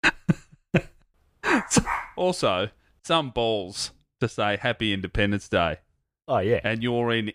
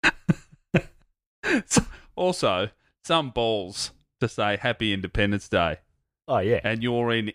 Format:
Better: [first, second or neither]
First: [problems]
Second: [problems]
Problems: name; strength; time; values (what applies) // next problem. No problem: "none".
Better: second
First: dog barking; noticeable; at 1.5 s; peak 5 dB below the speech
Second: none